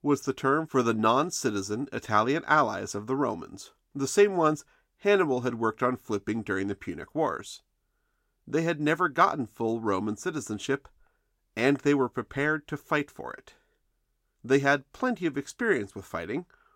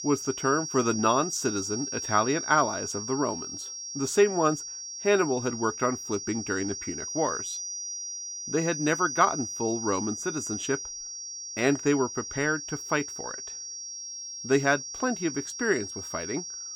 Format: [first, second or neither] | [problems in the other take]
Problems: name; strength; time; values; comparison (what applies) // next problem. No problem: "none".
first | high-pitched whine; loud; throughout; 5.5 kHz, 6 dB below the speech